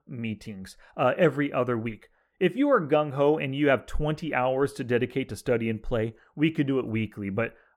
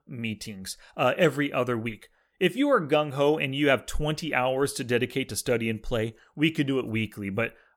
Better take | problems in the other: second | muffled; slightly; fading above 2.5 kHz

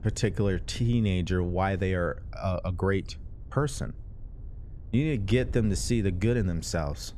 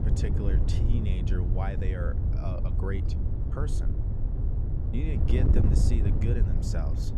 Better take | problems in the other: first | wind noise on the microphone; heavy; 1 dB below the speech; occasional gusts in the first

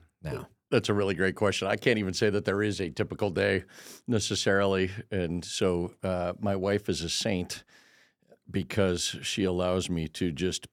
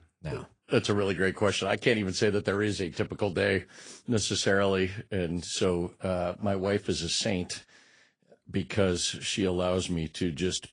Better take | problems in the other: first | garbled, watery; slightly; nothing above 9 kHz

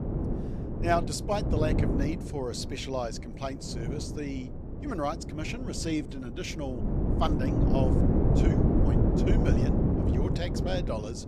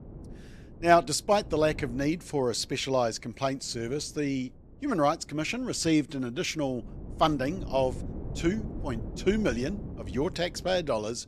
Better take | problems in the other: second | wind noise on the microphone; heavy; 1 dB below the speech; occasional gusts in the second

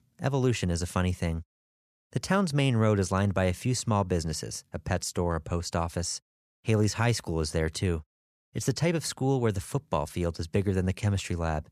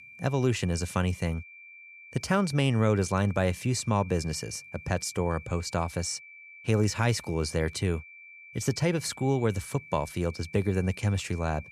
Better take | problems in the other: first | high-pitched whine; noticeable; throughout; 2.5 kHz, 20 dB below the speech

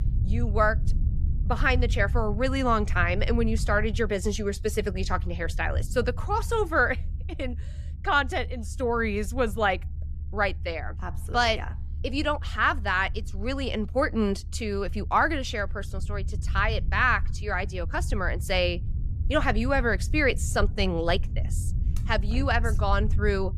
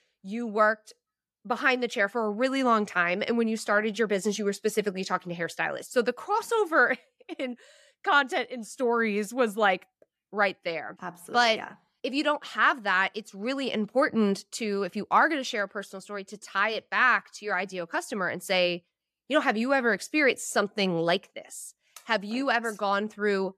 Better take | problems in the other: second | low rumble; faint; throughout; 20 dB below the speech

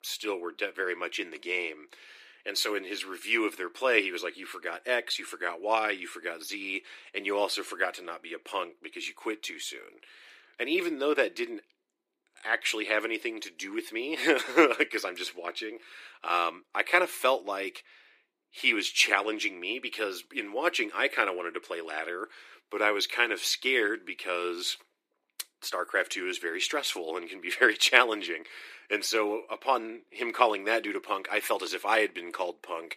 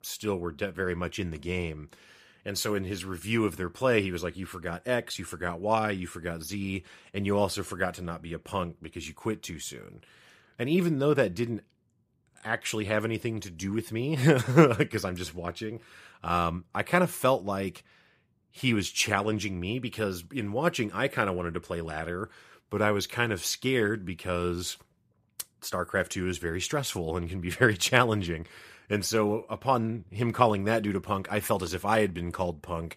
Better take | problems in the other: second | thin; very; fading below 300 Hz

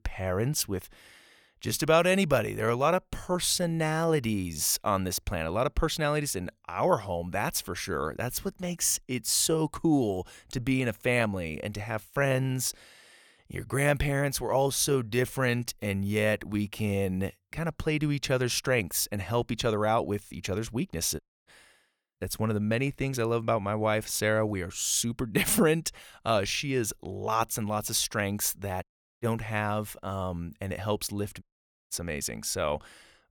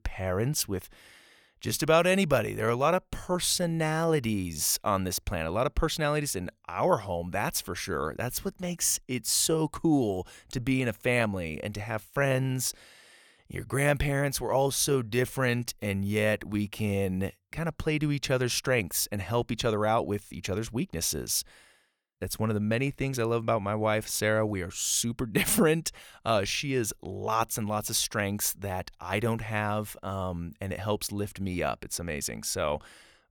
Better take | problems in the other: second | audio cutting out; at 21 s, at 29 s and at 31 s

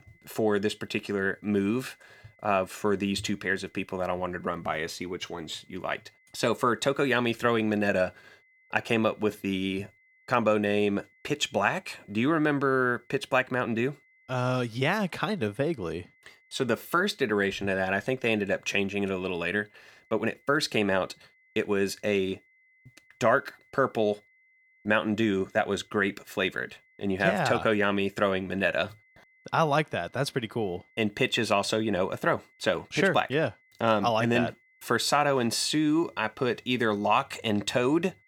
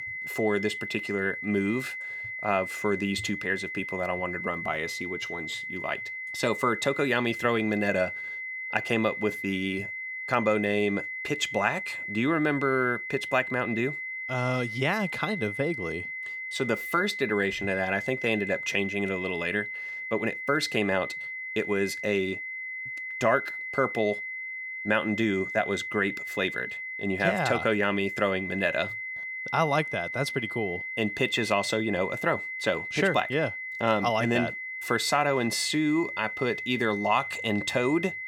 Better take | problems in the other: first | high-pitched whine; loud; throughout; 2 kHz, 5 dB below the speech; faint in the first

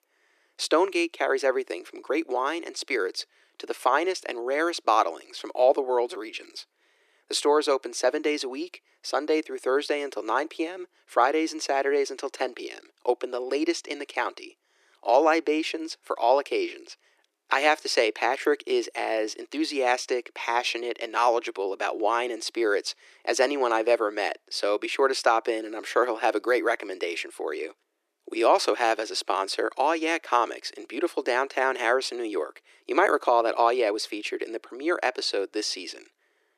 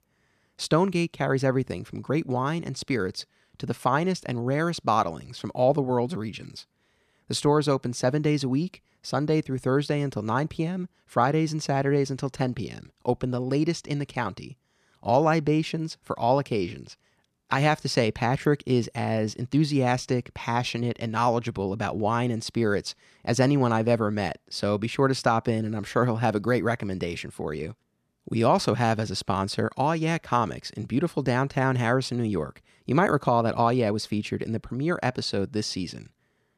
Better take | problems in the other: second | thin; very; fading below 350 Hz

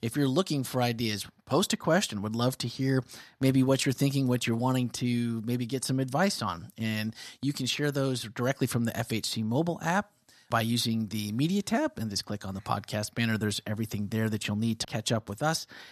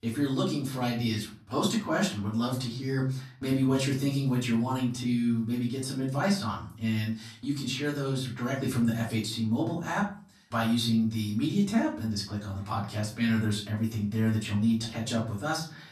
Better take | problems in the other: first | off-mic speech; far // room echo; slight; dies away in 0.4 s

